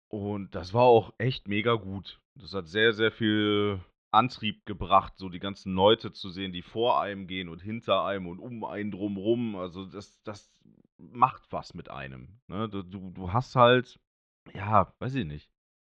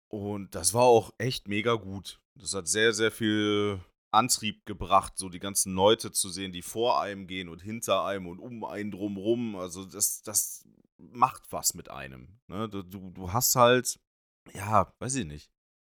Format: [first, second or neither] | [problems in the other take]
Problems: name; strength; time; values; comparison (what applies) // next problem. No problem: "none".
second | muffled; very; fading above 3.5 kHz